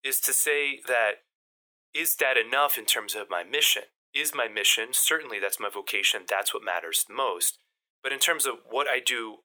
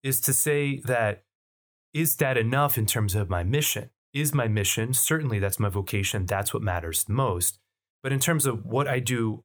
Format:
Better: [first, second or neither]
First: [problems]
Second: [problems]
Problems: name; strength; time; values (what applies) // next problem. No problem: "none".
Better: second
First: thin; very; fading below 400 Hz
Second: none